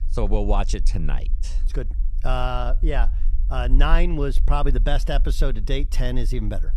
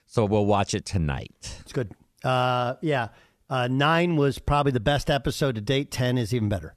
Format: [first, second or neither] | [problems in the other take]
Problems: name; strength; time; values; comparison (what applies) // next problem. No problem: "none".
second | low rumble; faint; throughout; 20 dB below the speech